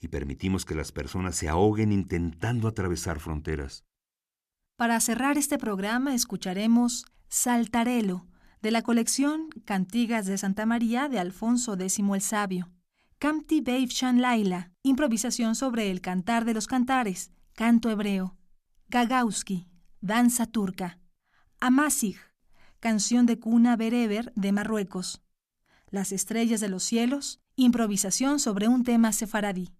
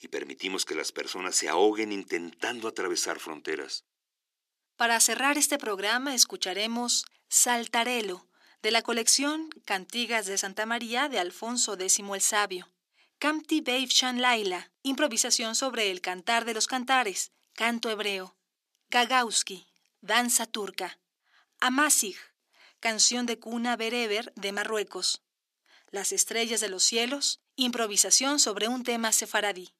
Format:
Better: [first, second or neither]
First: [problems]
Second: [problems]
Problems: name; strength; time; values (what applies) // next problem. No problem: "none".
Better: first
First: none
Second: thin; somewhat; fading below 350 Hz